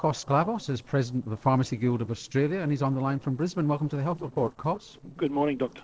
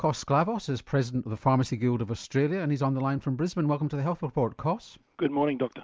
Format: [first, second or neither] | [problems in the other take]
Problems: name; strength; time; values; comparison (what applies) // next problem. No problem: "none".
second | noise reduction (neural separator model SepFormer DNS4)